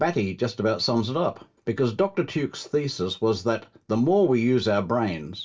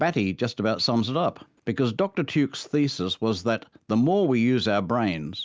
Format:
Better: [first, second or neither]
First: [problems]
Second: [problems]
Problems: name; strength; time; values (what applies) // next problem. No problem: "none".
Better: second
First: room echo; dies away in 0.2 s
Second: none